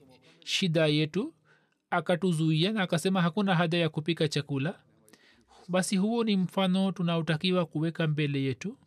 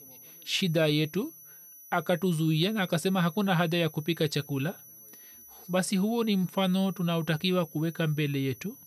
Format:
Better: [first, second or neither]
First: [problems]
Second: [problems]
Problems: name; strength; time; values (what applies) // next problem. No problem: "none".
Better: first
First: none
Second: high-pitched whine; noticeable; throughout; 11.5 kHz, 20 dB below the speech